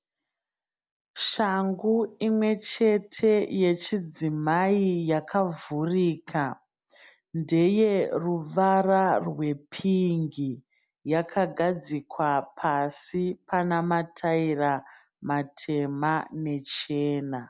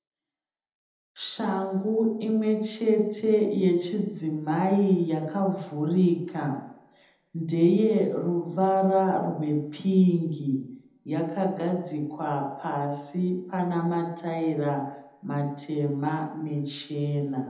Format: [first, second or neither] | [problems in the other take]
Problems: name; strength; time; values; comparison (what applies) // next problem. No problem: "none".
first | room echo; dies away in 0.8 s